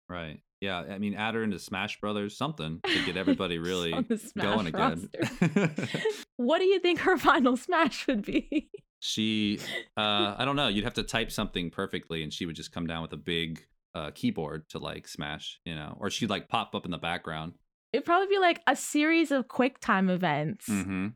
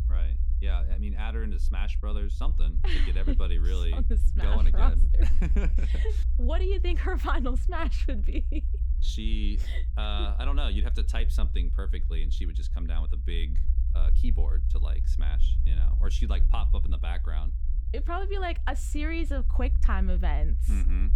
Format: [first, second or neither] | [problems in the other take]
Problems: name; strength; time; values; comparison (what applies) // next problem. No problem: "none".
first | low rumble; noticeable; throughout; 15 dB below the speech